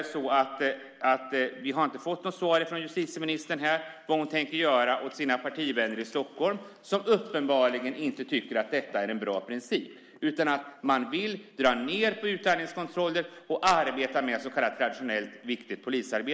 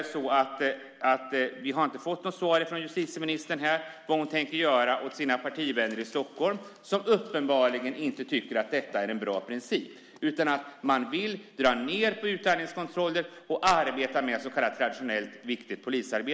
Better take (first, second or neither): second